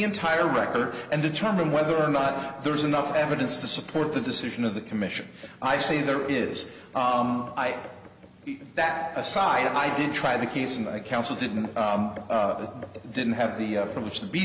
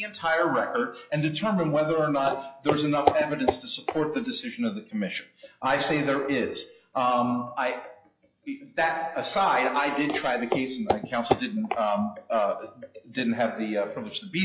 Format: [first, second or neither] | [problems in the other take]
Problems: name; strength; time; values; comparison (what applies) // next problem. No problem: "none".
first | noise reduction (classical method log-MMSE)